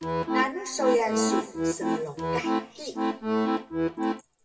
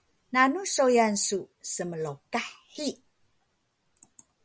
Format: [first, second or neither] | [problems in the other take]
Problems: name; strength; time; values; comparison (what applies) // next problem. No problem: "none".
second | background sound (Accordion); 4 dB above the speech // room echo; dies away in 1.3 s